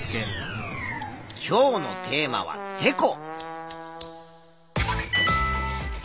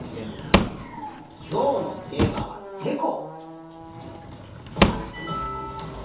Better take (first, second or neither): first